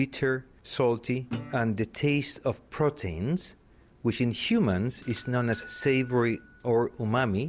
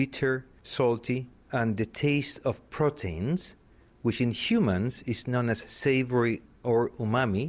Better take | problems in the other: second | background sound (Guitar + Doorbell); 19 dB below the speech

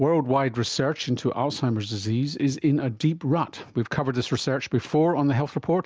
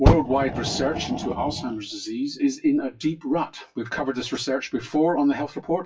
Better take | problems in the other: first | noise reduction (classical method WPE with log-MMSE)

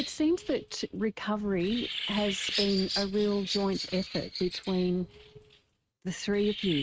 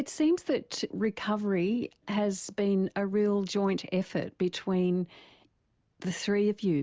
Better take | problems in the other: second | noise reduction (neural mask model RNNoise)

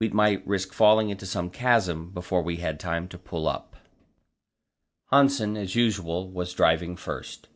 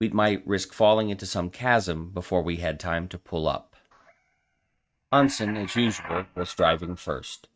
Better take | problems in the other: first | noise reduction (neural mask model RNNoise)

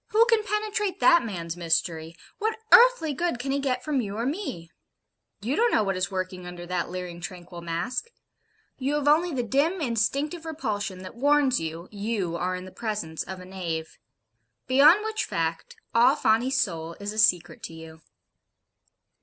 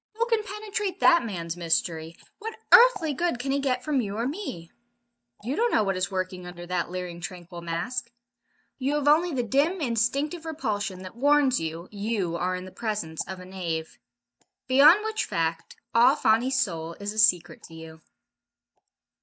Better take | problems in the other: first | noise reduction (neural mask model DeepFilterNet 3)

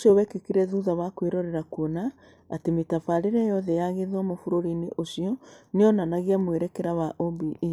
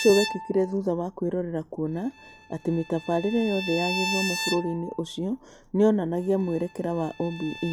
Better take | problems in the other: first | background sound (Bowed string instrument); 10 dB below the speech

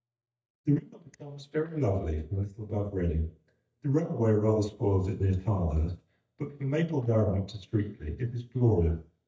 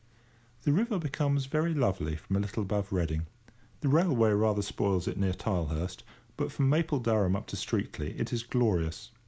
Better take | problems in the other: second | noise reduction (neural mask model DeepFilterNet 3)

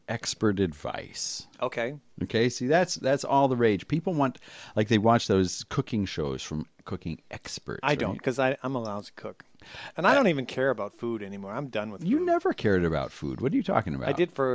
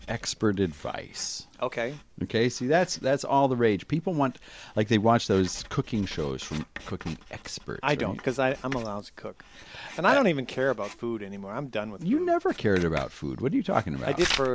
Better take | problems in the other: first | background sound (Writing); 15 dB below the speech

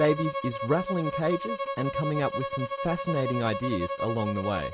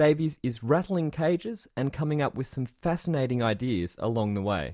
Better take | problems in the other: second | background sound (Bowed string instrument); 4 dB below the speech

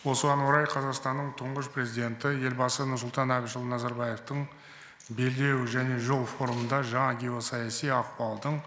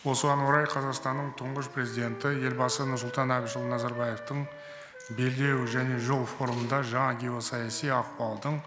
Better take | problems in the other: first | background sound (Wind instrument, woodwind instrument); 14 dB below the speech

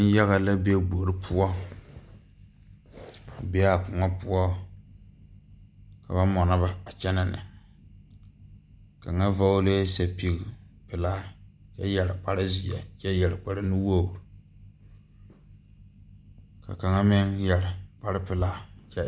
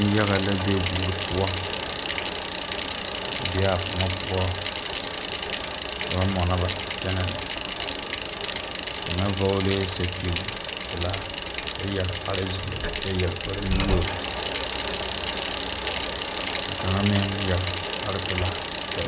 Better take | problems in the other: first | background sound (Bicycle); 1 dB below the speech

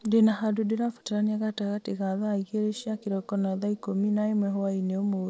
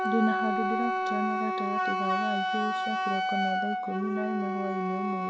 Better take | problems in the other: first | background sound (Wind instrument, woodwind instrument); 3 dB above the speech // room echo; dies away in 2 s

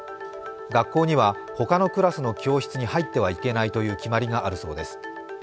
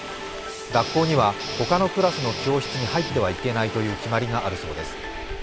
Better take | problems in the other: first | background sound (Subway, metro, underground + Guitar); 8 dB below the speech

